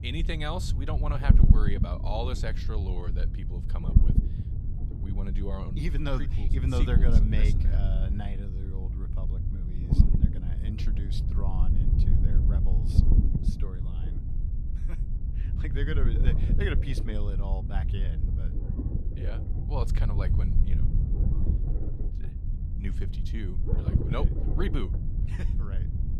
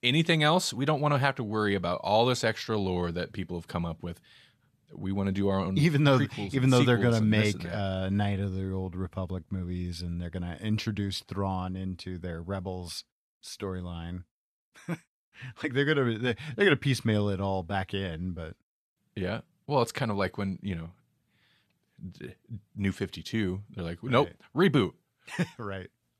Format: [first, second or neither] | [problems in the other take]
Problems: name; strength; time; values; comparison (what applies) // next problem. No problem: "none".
second | low rumble; loud; throughout; 4 dB below the speech